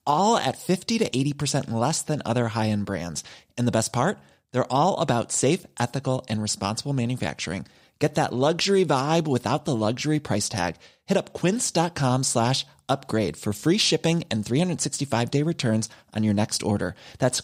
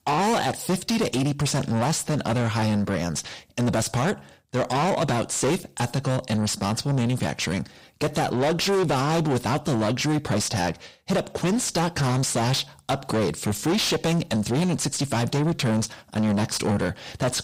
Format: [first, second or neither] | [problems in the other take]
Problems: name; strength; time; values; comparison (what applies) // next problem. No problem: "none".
first | distortion; heavy; 6 dB below the speech